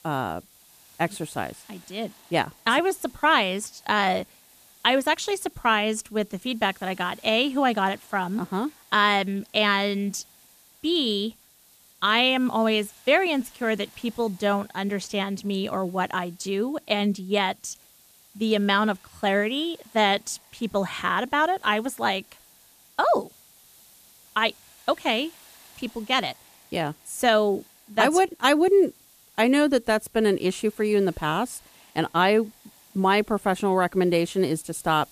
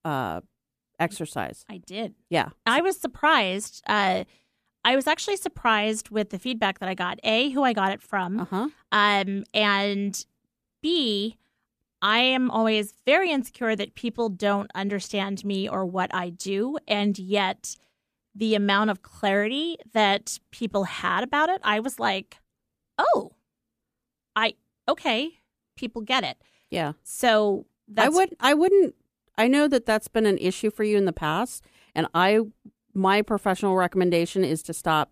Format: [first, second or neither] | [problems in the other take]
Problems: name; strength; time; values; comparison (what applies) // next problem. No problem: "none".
second | hiss; faint; throughout; 25 dB below the speech